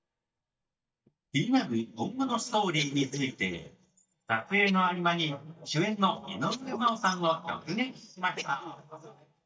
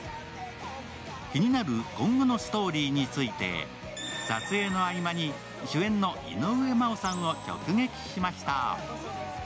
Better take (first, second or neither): second